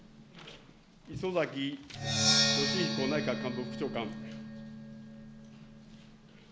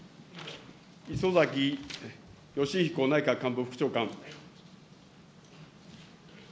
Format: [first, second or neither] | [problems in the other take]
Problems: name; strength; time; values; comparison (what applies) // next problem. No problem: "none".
second | background sound (Percussion); 3 dB above the speech